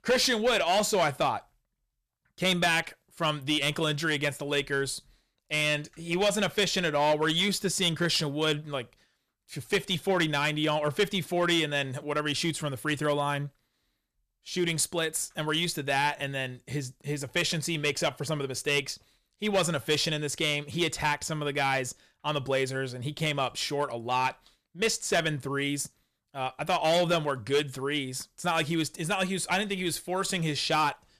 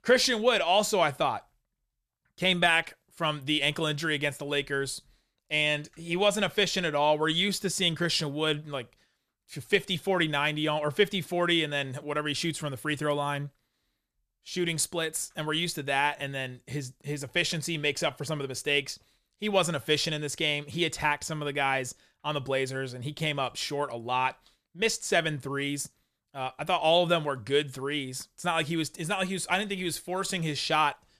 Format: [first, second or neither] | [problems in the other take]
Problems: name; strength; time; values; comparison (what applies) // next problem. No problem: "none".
second | distortion; slight; 3% of the sound clipped